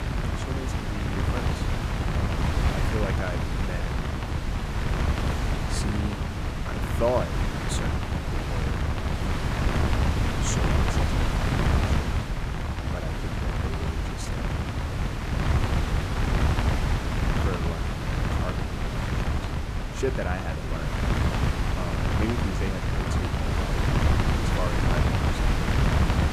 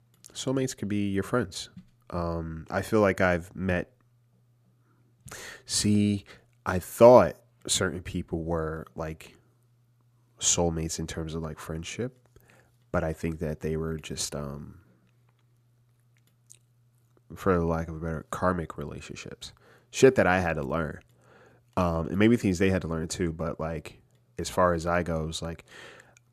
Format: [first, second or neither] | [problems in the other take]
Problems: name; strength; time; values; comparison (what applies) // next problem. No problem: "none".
second | wind noise on the microphone; heavy; 5 dB above the speech